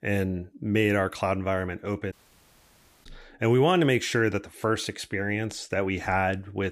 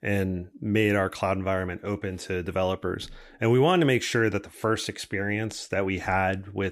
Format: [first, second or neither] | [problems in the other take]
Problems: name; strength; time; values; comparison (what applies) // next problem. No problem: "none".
second | audio cutting out; at 2 s for 1 s